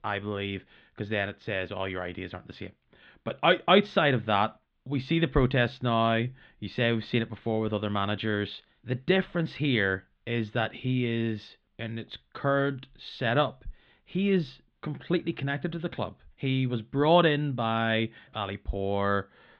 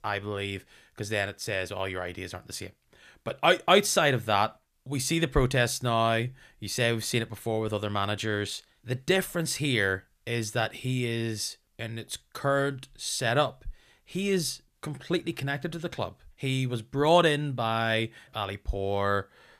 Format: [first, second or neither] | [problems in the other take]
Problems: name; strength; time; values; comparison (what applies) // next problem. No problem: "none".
second | muffled; very; fading above 3.5 kHz